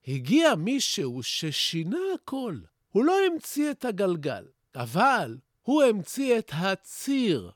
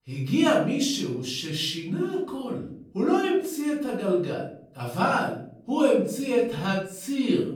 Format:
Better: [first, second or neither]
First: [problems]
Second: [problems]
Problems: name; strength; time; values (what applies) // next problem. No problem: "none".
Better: first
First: none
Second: off-mic speech; far // room echo; noticeable; dies away in 0.5 s